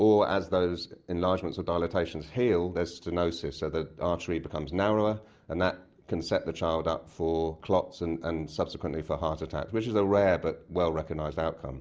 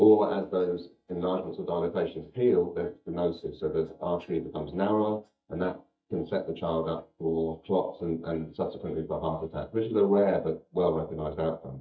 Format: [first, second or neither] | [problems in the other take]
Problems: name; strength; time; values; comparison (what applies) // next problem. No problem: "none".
first | noise reduction (neural mask model DeepFilterNet 3)